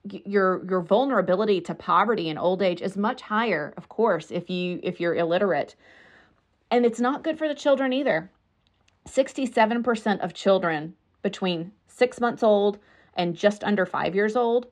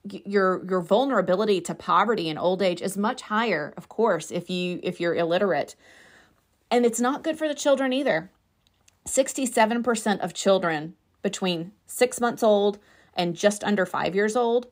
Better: second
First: muffled; slightly; fading above 3.5 kHz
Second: none

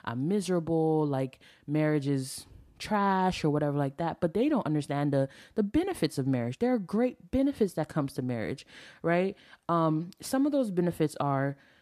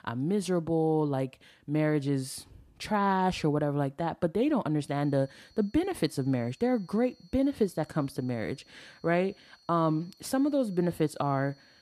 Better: first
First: none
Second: high-pitched whine; faint; from 5 s on; 4.5 kHz, 30 dB below the speech

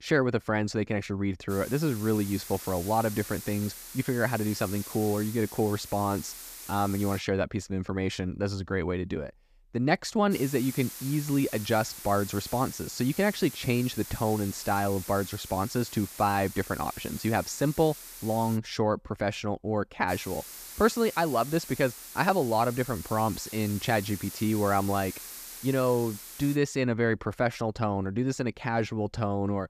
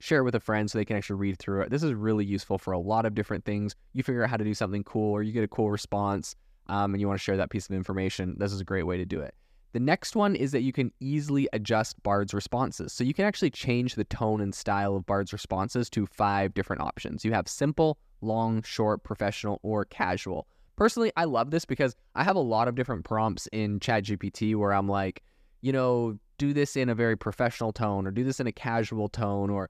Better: second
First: hiss; noticeable; from 1.5 to 7 s, from 10 to 19 s and from 20 to 27 s; 10 dB below the speech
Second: none

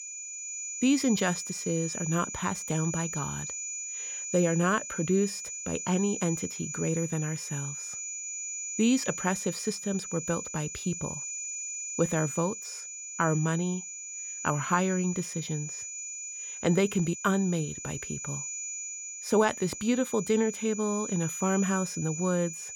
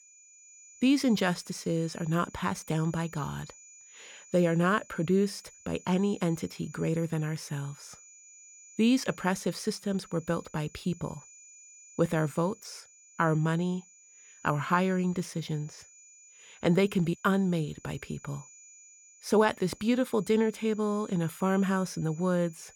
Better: second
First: high-pitched whine; loud; throughout; 7 kHz, 6 dB below the speech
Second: high-pitched whine; faint; throughout; 7 kHz, 20 dB below the speech

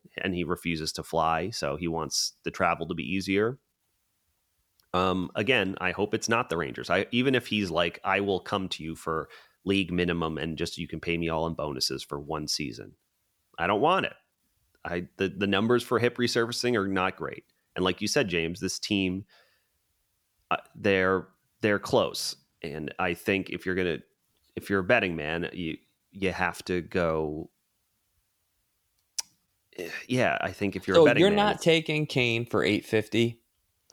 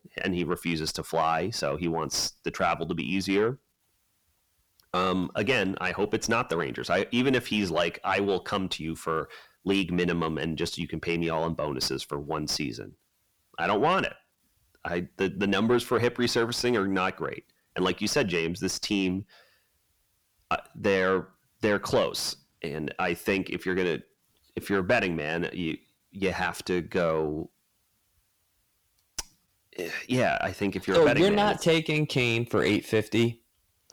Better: first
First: none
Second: distortion; slight; 10 dB below the speech

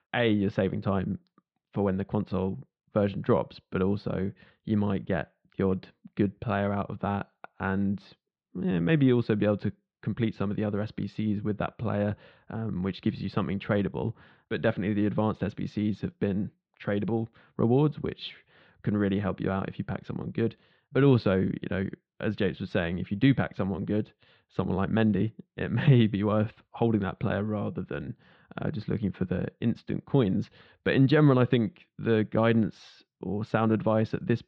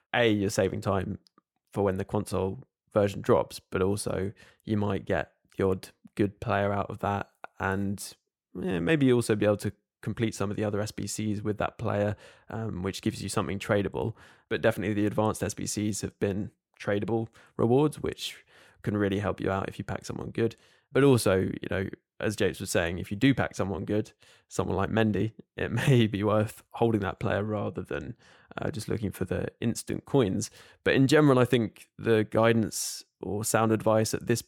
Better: second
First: muffled; slightly; fading above 4 kHz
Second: none

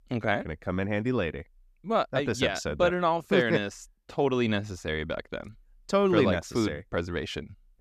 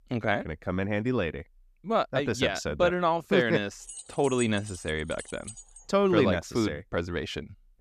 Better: first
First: none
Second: jangling keys; faint; from 4 to 6 s; peak 10 dB below the speech

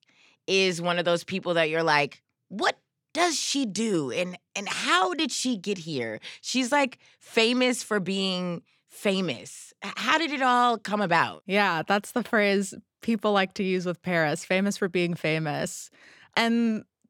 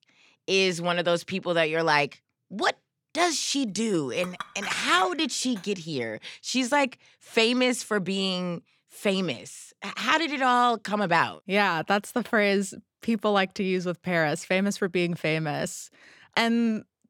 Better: first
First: none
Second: clattering dishes; noticeable; from 4 to 5.5 s; peak 7 dB below the speech

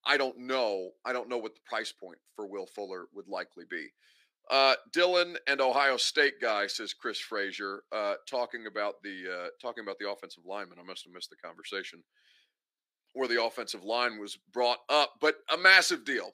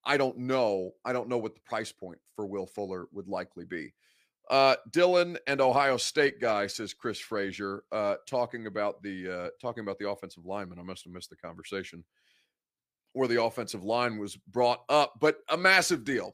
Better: second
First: thin; very slightly; fading below 300 Hz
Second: none

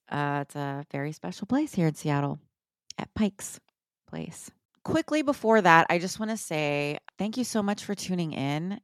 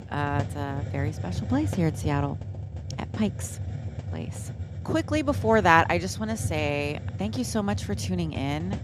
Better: first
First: none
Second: hiss; loud; throughout; 7 dB below the speech

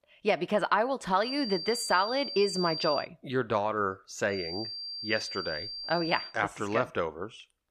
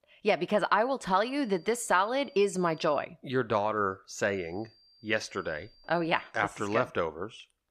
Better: second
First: high-pitched whine; loud; from 1 to 3 s and from 4.5 to 6.5 s; 4.5 kHz, 6 dB below the speech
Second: high-pitched whine; faint; from 1 to 3 s and from 4.5 to 6.5 s; 4.5 kHz, 30 dB below the speech

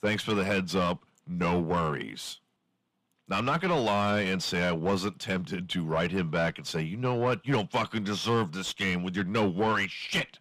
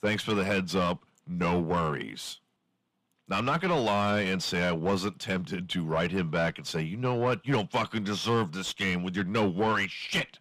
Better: neither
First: distortion; heavy; 8 dB below the speech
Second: distortion; heavy; 8 dB below the speech

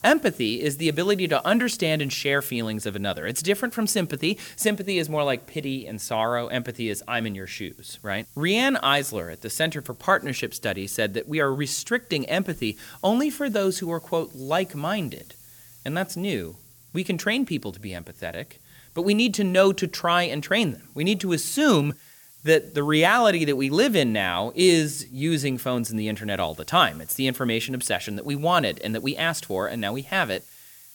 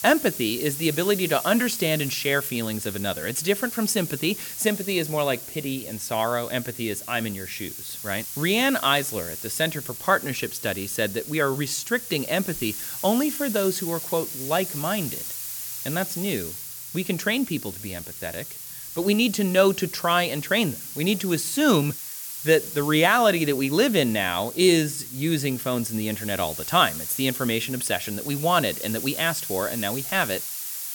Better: first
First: hiss; faint; throughout; 25 dB below the speech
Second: hiss; loud; throughout; 8 dB below the speech

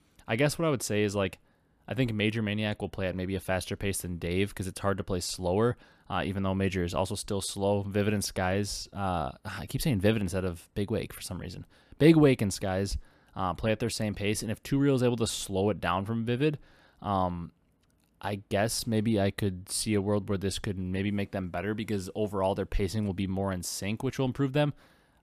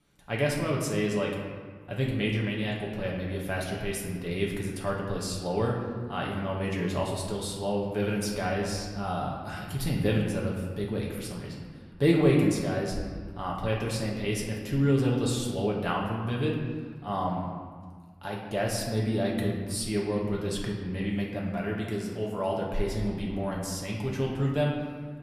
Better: first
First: none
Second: room echo; noticeable; dies away in 1.4 s // off-mic speech; far

